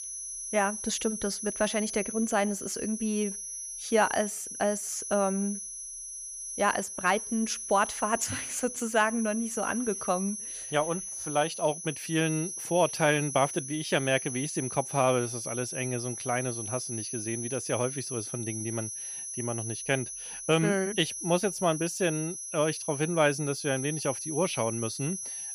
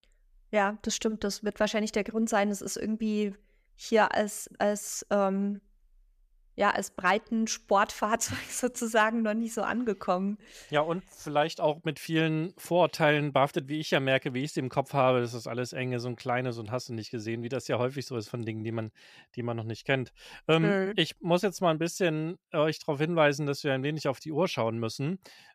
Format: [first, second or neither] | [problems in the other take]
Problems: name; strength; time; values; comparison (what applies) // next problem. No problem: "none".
second | high-pitched whine; loud; throughout; 10.5 kHz, 6 dB below the speech